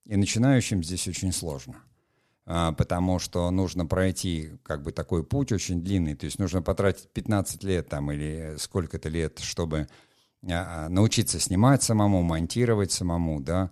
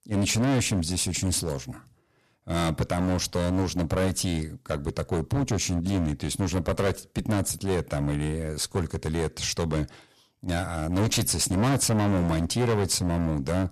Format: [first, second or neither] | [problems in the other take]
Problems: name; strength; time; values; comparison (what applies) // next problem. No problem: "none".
first | distortion; heavy; 14% of the sound clipped